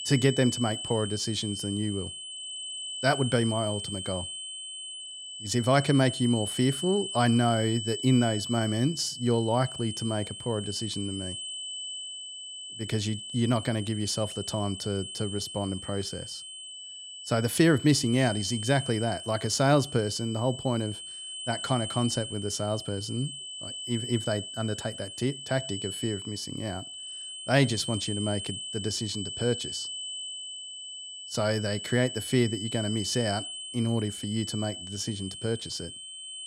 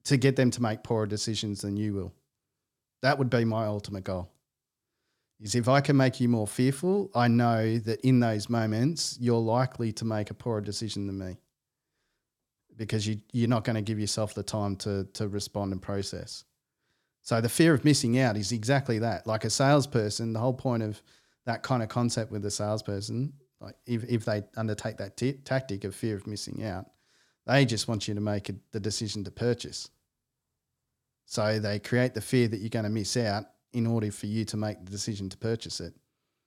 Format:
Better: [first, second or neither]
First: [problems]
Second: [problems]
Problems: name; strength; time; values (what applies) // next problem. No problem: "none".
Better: second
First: high-pitched whine; loud; throughout; 3 kHz, 7 dB below the speech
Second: none